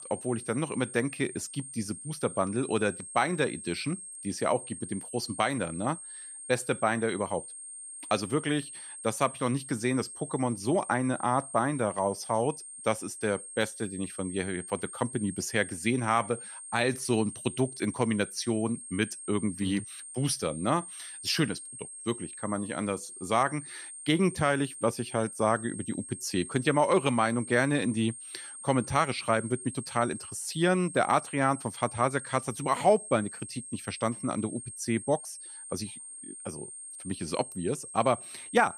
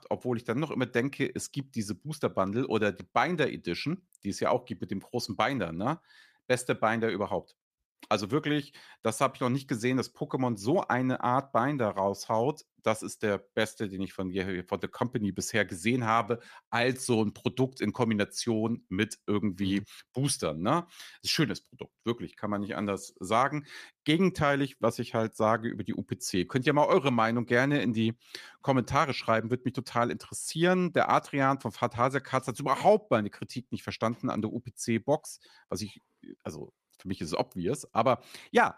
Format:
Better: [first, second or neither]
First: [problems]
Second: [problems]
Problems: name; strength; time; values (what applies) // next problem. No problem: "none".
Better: second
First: high-pitched whine; noticeable; throughout; 8.5 kHz, 10 dB below the speech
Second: none